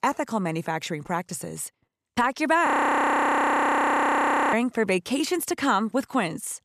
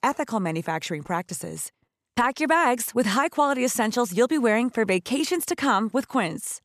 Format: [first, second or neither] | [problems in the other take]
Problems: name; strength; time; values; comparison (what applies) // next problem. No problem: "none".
second | audio freezing; at 2.5 s for 2 s